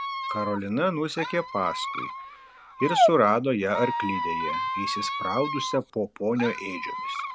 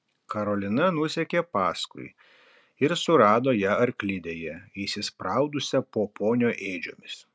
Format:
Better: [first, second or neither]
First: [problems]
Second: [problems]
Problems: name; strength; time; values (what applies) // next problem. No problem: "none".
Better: second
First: background sound (Squeak); 2 dB below the speech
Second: none